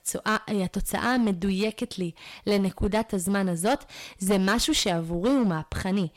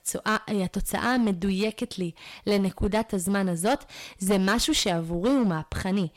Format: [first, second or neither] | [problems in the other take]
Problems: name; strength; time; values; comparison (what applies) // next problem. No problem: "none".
neither | distortion; slight; 8% of the sound clipped; the same in both